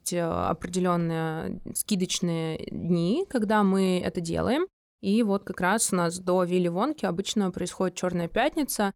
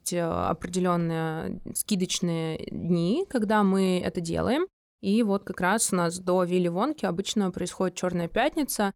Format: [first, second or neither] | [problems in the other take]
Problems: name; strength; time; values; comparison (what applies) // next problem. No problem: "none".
neither | none